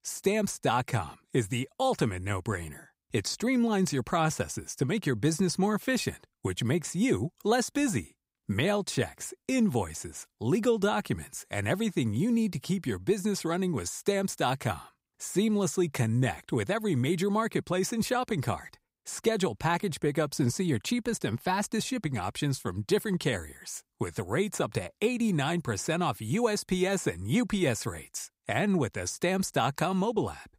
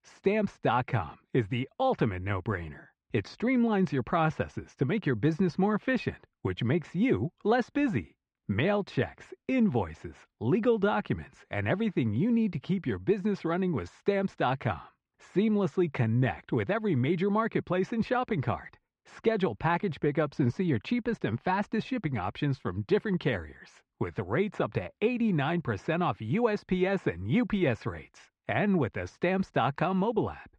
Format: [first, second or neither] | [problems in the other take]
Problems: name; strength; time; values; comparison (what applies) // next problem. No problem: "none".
first | muffled; very; fading above 3 kHz